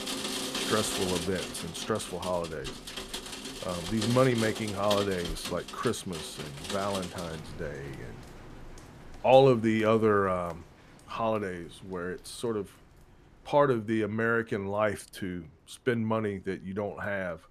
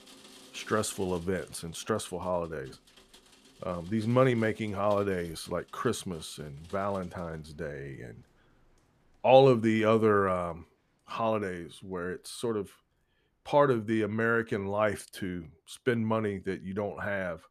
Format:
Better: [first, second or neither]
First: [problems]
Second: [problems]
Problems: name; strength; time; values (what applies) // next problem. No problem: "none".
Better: second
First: rain or running water; loud; throughout; 8 dB below the speech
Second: rain or running water; faint; throughout; 25 dB below the speech